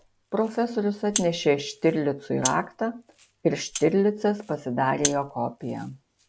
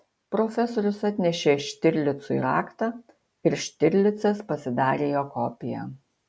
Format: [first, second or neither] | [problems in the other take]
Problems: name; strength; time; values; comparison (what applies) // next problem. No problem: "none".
second | background sound (Rattle (instrument)); 11 dB below the speech